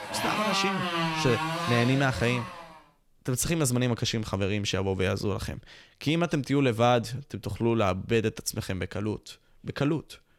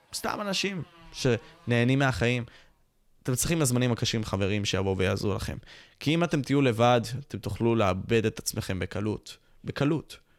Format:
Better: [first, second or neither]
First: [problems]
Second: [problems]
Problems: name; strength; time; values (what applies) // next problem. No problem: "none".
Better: second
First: traffic noise; loud; until 2.5 s; 2 dB below the speech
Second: traffic noise; faint; until 2.5 s; 30 dB below the speech